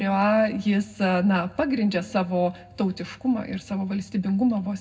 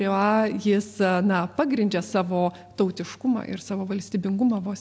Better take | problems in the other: second | room echo; dies away in 0.3 s

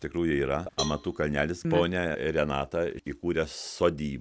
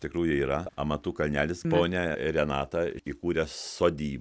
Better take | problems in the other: second | background sound (Cowbell); 13 dB below the speech

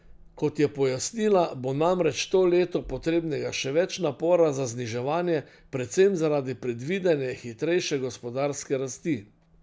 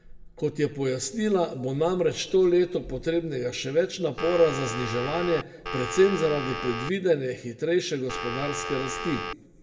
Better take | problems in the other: first | background sound (Telephone); 6 dB below the speech // room echo; dies away in 1.1 s

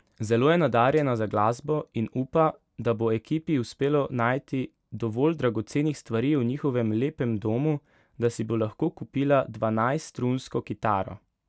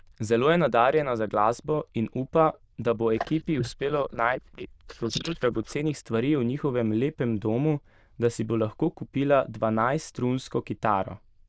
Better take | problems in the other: first | noise reduction (neural diffusion model UNIVERSE++)

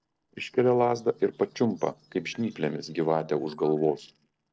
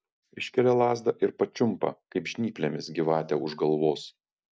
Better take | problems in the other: second | noise reduction (neural separator model SepFormer DNS4)

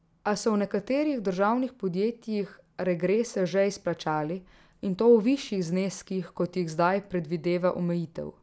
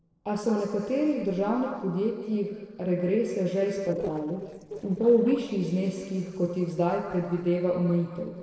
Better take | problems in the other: first | noise reduction (neural separator model SepFormer DNS4)

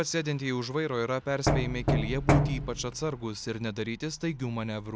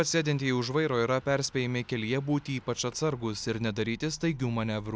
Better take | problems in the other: second | background sound (Knock); 4 dB above the speech

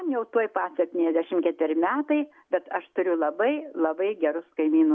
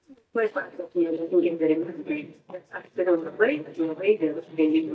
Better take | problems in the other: first | noise reduction (neural mask model DeepFilterNet 3)

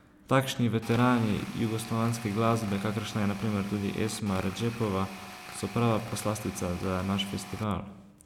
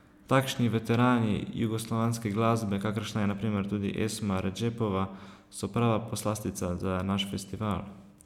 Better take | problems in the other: second | background sound (Tools); 15 dB below the speech

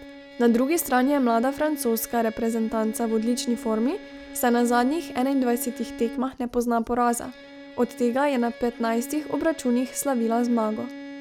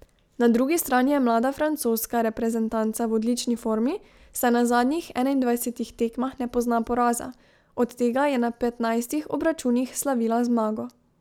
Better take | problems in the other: second | background sound (Bowed string instrument); 16 dB below the speech

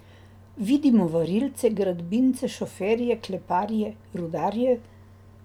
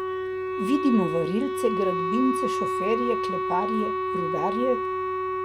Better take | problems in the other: first | background sound (Wind instrument, woodwind instrument); as loud as the speech

